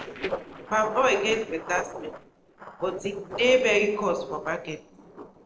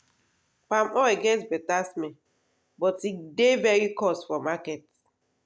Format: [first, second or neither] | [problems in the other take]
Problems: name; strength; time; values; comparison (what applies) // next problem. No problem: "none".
second | noise reduction (neural separator model SepFormer DNS4)